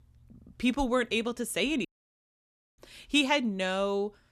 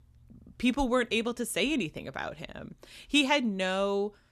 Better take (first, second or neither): second